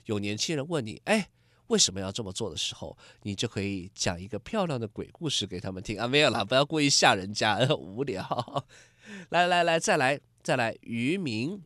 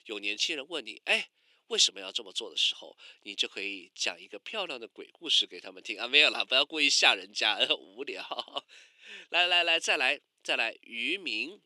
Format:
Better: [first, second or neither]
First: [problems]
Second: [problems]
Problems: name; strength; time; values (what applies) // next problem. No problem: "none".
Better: first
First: none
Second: thin; somewhat; fading below 300 Hz